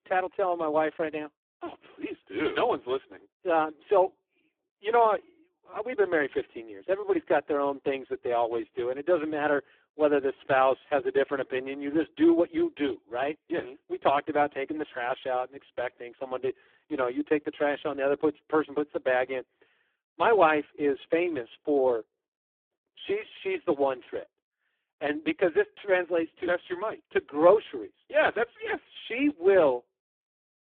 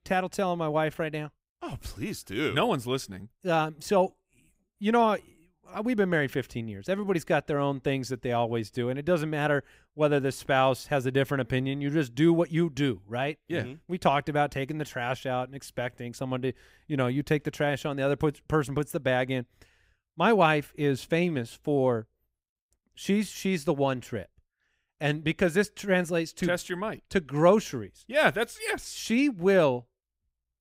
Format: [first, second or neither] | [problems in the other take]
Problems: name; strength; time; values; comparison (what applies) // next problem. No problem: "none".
second | phone-call audio; poor line